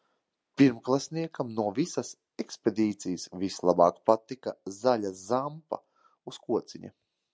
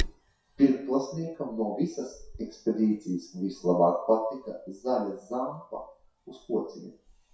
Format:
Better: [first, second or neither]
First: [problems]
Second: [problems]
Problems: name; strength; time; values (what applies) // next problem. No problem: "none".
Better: first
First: none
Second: noise reduction (classical method WPE with log-MMSE)